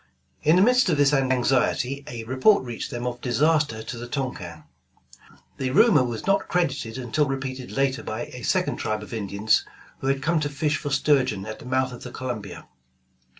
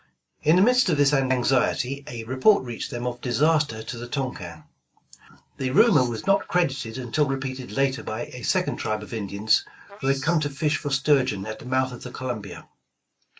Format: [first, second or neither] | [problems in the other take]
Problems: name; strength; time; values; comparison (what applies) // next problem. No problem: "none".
first | noise reduction (neural mask model Resemble Enhance denoiser)